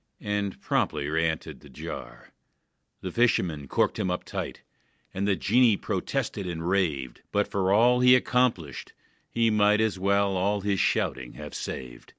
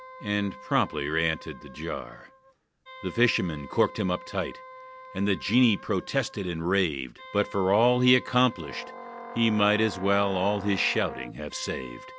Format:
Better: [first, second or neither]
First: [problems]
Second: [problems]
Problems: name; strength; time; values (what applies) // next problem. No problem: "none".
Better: first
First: none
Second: background sound (Wind instrument, woodwind instrument + Brass instrument); 16 dB below the speech